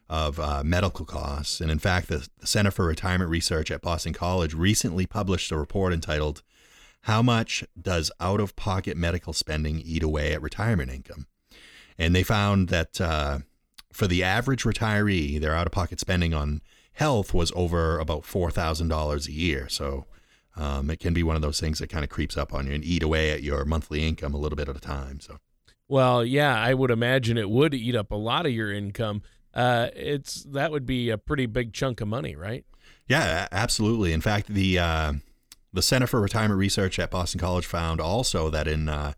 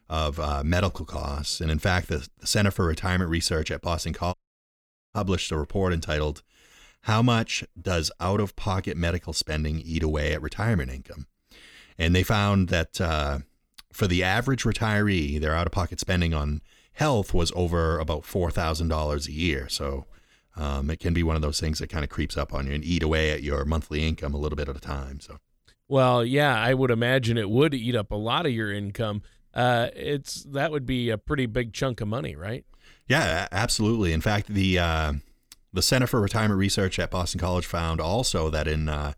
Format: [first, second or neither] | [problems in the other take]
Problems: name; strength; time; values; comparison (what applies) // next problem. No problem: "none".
first | audio cutting out; at 4.5 s for 1 s